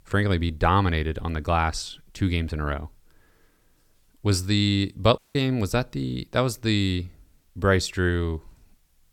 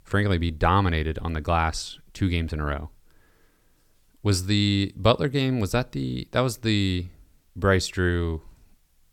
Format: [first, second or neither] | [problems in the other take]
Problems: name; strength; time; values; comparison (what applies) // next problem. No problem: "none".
second | audio cutting out; at 5 s